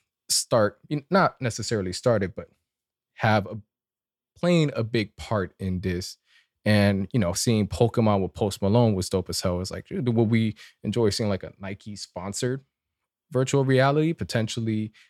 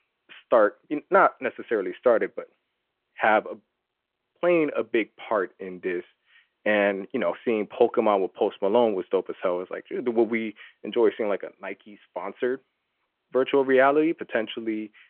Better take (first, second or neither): first